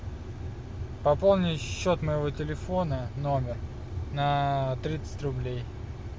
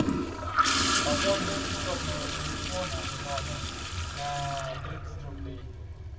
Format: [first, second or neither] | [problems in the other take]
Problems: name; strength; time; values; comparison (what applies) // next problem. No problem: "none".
first | background sound (Toilet flush / Gurgling); 3 dB above the speech // room echo; dies away in 2 s